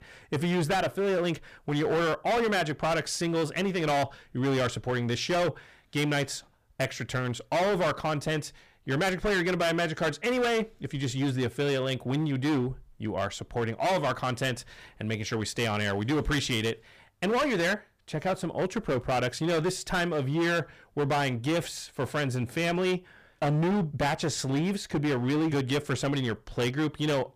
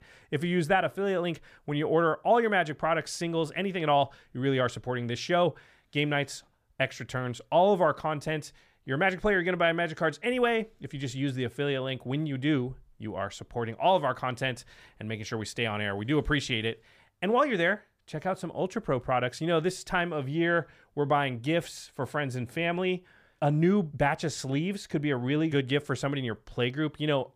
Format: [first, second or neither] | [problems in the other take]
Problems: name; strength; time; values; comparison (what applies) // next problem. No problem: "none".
second | distortion; heavy; 18% of the sound clipped